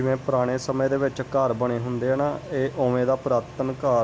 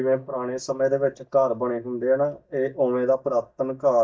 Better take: first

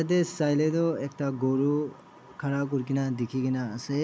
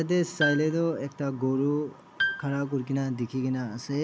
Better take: first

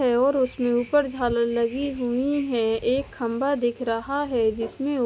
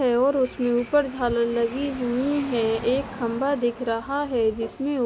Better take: first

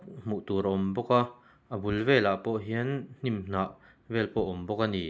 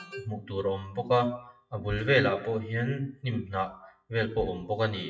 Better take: first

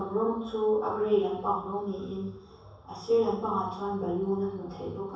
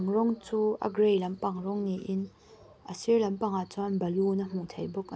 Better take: second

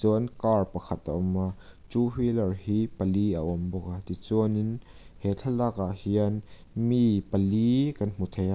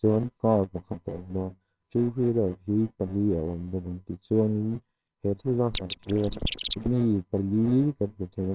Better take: first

